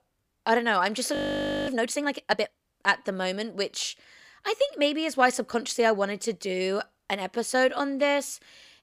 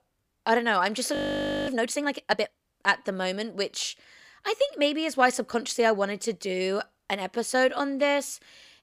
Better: neither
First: audio freezing; at 1 s for 0.5 s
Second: audio freezing; at 1 s for 0.5 s

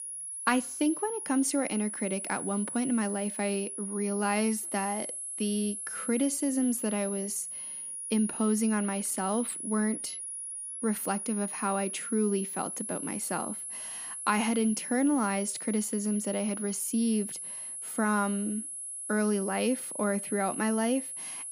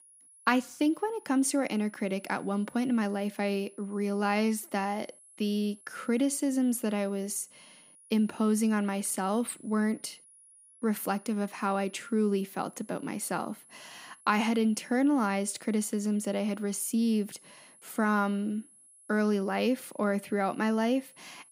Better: second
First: high-pitched whine; loud; throughout; 10.5 kHz, 5 dB below the speech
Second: high-pitched whine; faint; throughout; 10.5 kHz, 25 dB below the speech

